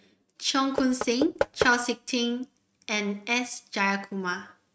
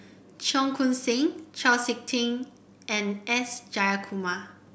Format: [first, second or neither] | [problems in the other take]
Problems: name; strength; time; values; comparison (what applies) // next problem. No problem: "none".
second | noise reduction (neural mask model RNNoise)